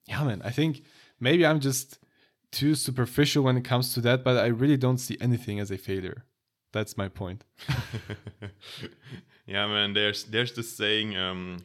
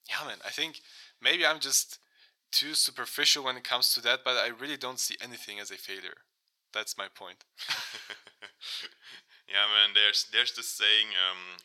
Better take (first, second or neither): first